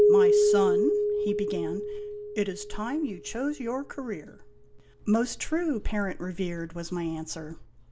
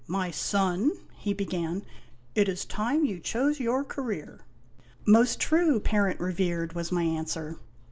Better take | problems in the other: second | background sound (Keyboard (musical)); 3 dB above the speech

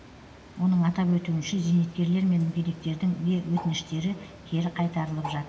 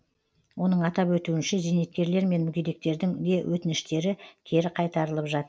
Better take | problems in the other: second | background sound (Bird); 18 dB below the speech // room echo; dies away in 2.1 s

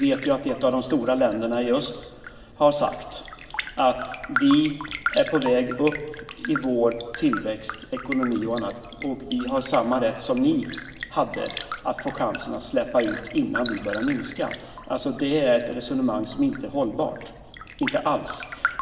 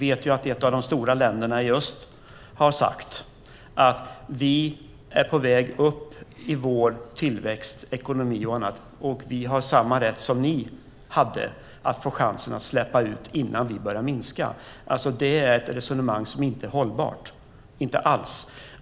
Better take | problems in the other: second | background sound (Raindrop); 11 dB below the speech // room echo; dies away in 2.4 s

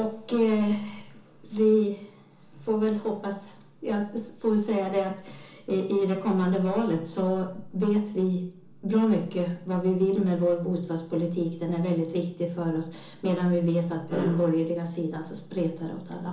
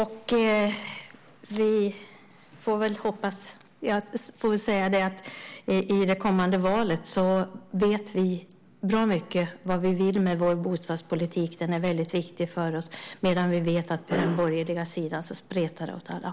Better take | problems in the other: second | room echo; dies away in 0.7 s

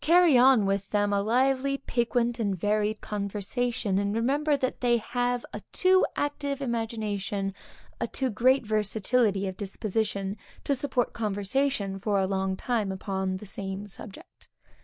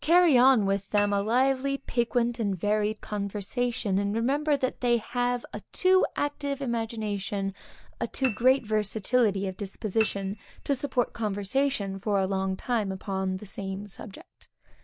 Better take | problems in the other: first | background sound (Piano); 15 dB below the speech

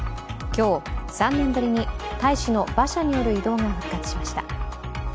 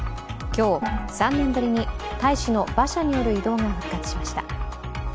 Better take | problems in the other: first | background sound (Gong); 13 dB below the speech

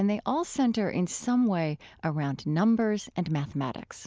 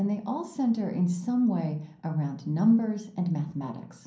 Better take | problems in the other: first | room echo; dies away in 0.6 s

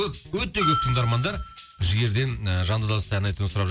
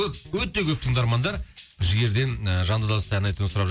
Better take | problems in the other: second | background sound (Bell); 7 dB below the speech

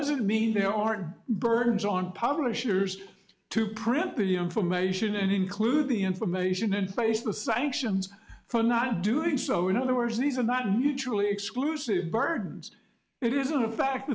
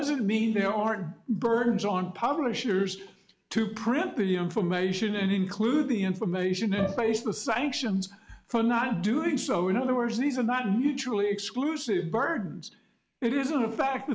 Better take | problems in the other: first | background sound (Bowed string instrument); 9 dB below the speech

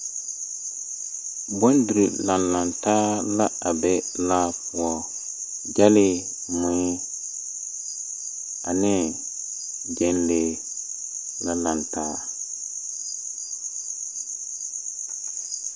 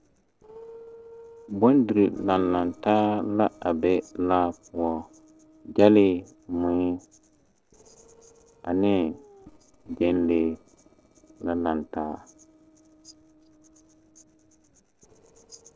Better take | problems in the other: first | noise reduction (neural separator model SepFormer DNS4)

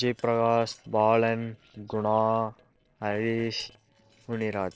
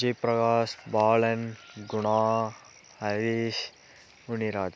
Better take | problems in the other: second | noise reduction (neural separator model SepFormer DNS4)

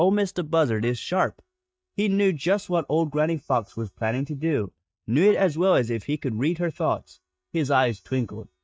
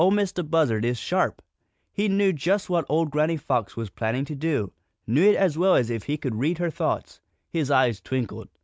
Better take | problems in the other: second | noise reduction (neural mask model DeepFilterNet 3)

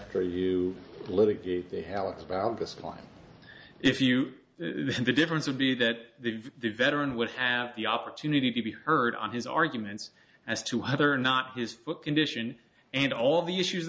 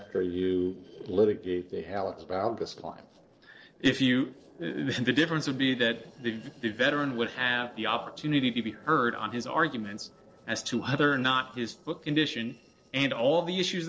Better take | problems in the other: first | noise reduction (neural separator model SepFormer DNS4)

